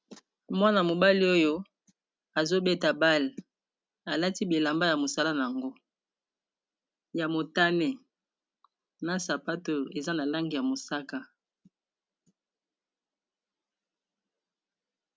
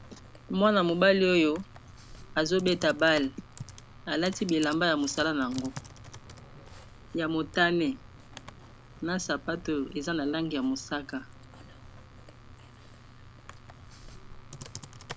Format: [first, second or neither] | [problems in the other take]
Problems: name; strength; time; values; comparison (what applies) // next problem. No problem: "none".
first | background sound (Computer keyboard); 16 dB below the speech